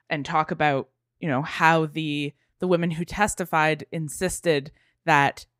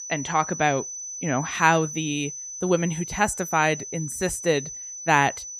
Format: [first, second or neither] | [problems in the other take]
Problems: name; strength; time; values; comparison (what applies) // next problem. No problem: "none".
first | high-pitched whine; loud; throughout; 6 kHz, 9 dB below the speech